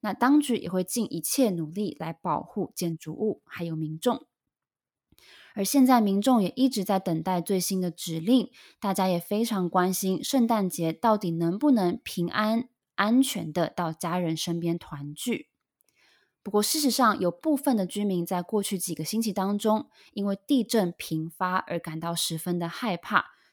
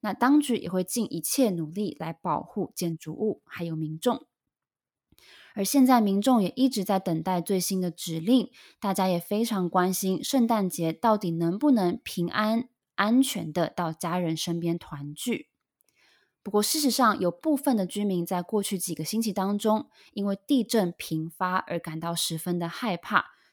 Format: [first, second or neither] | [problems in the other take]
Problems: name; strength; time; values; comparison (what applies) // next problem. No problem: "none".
neither | none